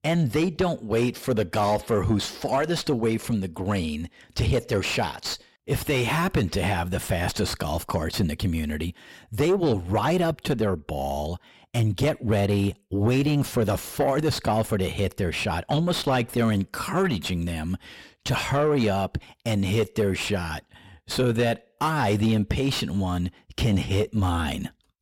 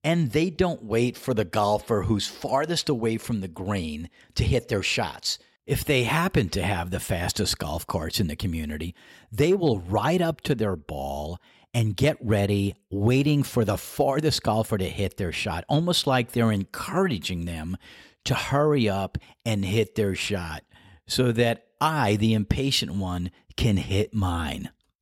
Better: second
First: distortion; slight; 9 dB below the speech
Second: none

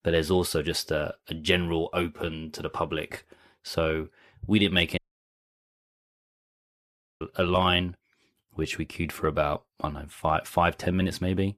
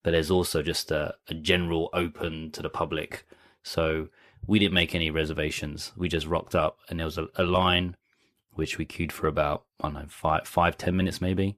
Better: second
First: audio cutting out; at 5 s for 2 s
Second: none

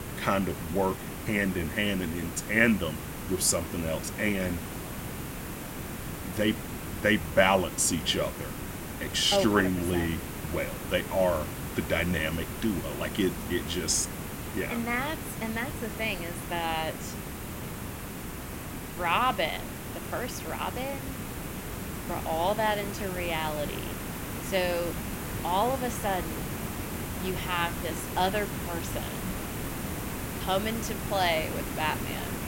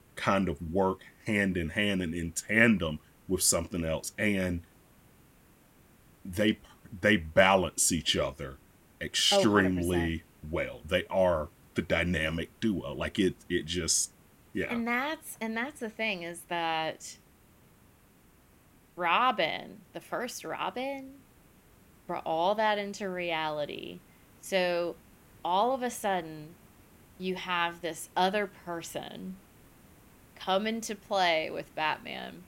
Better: second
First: hiss; loud; throughout; 7 dB below the speech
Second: hiss; faint; throughout; 30 dB below the speech

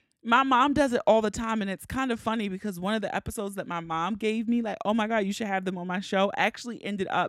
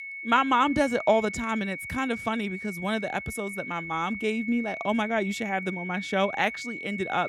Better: first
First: none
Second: high-pitched whine; loud; throughout; 2 kHz, 8 dB below the speech

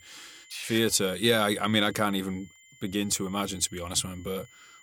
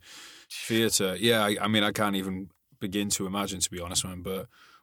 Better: second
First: high-pitched whine; faint; throughout; 2 kHz, 25 dB below the speech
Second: none

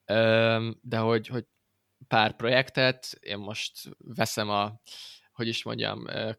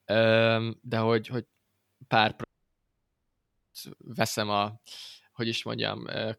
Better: first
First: none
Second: audio cutting out; at 2.5 s for 1.5 s

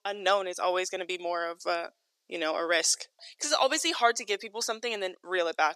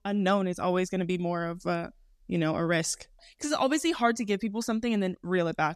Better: second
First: thin; very; fading below 400 Hz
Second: none

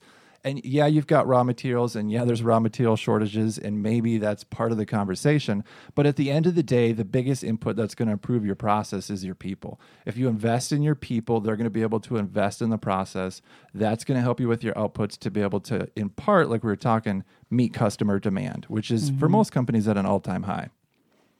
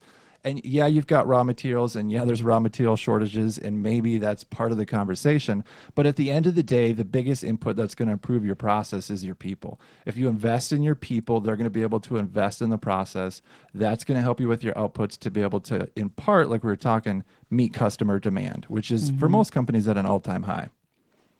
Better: first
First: none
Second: garbled, watery; slightly

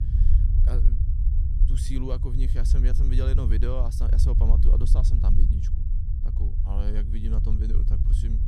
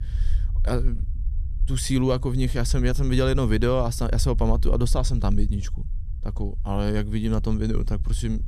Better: second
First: low rumble; loud; throughout; 4 dB below the speech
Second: low rumble; faint; throughout; 20 dB below the speech

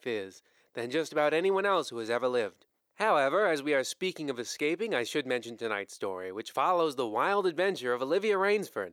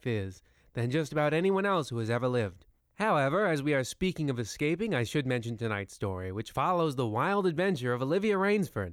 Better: second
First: thin; somewhat; fading below 400 Hz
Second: none

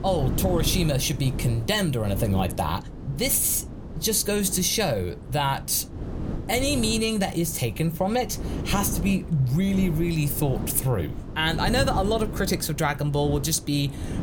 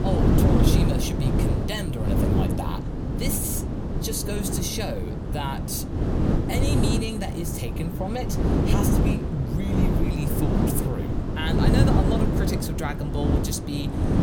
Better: first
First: wind noise on the microphone; occasional gusts; 15 dB below the speech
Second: wind noise on the microphone; heavy; 2 dB above the speech

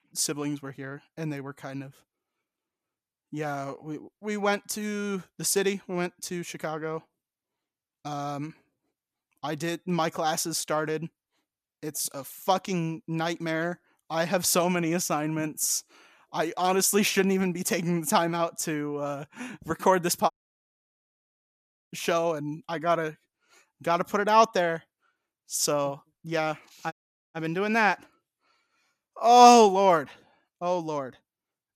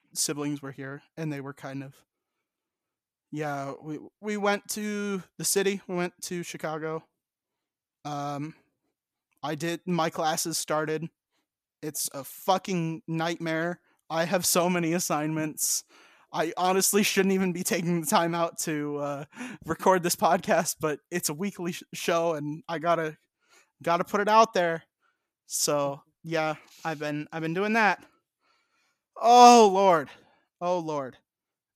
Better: second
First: audio cutting out; at 20 s for 1.5 s and at 27 s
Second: none

